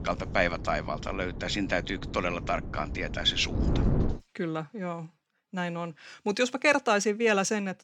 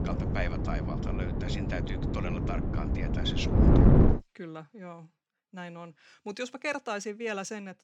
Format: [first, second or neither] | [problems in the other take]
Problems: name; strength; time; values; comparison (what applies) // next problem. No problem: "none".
first | wind noise on the microphone; heavy; until 4 s; 3 dB above the speech; occasional gusts in the first